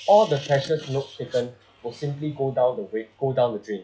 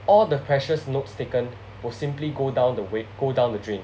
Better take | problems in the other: second | noise reduction (classical method log-MMSE)

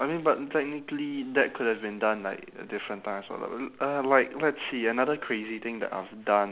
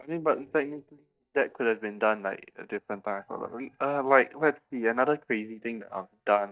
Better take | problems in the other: first | noise reduction (neural mask model DeepFilterNet 3)

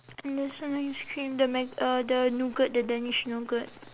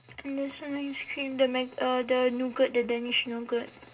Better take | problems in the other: first | room echo; dies away in 0.2 s

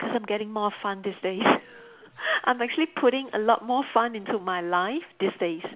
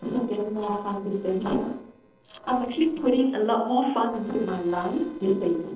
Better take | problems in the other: first | noise reduction (neural separator model SepFormer DNS4)

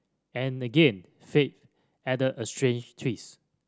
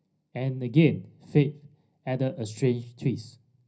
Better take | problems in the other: first | room echo; dies away in 0.4 s

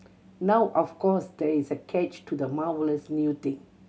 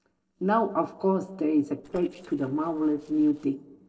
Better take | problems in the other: first | noise reduction (neural separator model SepFormer DNS4)

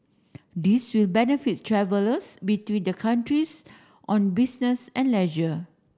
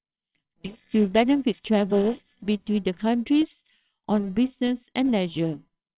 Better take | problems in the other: first | noise reduction (neural separator model SepFormer WHAMR!)

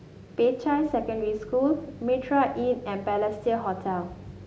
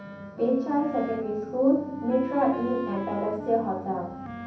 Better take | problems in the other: first | background sound (Wind instrument, woodwind instrument); 11 dB below the speech // room echo; dies away in 0.6 s

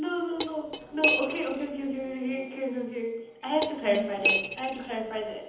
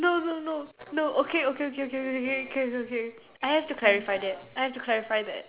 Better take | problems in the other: second | background sound (Cutlery, silverware); 2 dB below the speech // room echo; dies away in 1.3 s

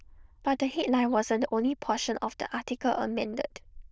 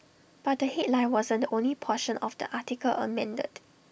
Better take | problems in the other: second | noise reduction (neural diffusion model UNIVERSE++)

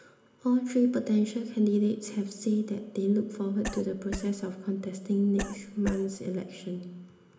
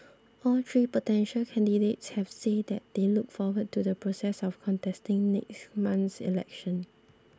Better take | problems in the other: second | background sound (Cough); 11 dB below the speech // room echo; dies away in 0.8 s

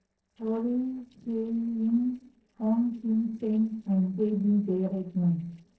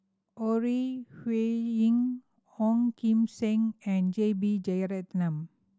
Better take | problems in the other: second | noise reduction (neural separator model SepFormer DNS4)

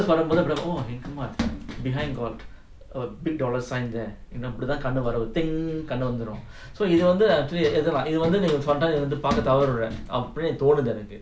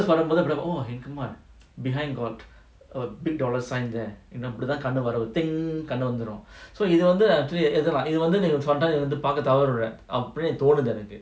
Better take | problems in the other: second | background sound (Run); 11 dB below the speech

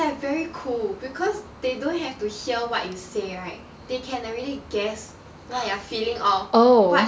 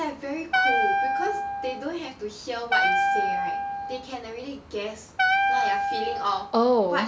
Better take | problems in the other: first | background sound (Wind instrument, woodwind instrument); 3 dB above the speech

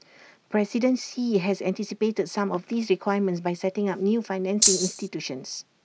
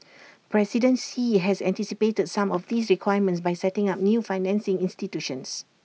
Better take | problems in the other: second | background sound (Rattle (instrument)); 4 dB above the speech

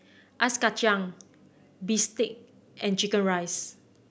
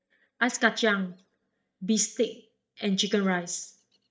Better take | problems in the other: first | noise reduction (neural mask model DeepFilterNet 3)

